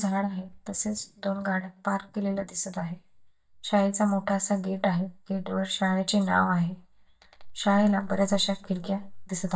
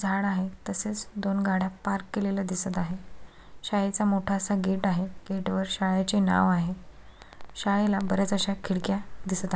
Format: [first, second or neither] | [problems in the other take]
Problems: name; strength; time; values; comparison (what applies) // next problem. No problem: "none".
second | noise reduction (neural mask model DeepFilterNet 3)